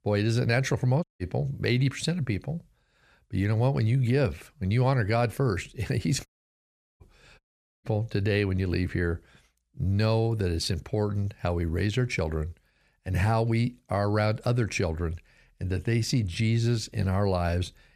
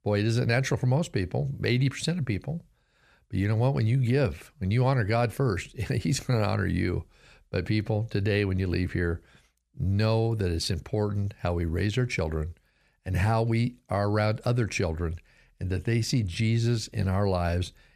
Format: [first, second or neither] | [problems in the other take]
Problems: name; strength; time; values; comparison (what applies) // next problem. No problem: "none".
second | audio cutting out; at 1 s, at 6.5 s for 0.5 s and at 7.5 s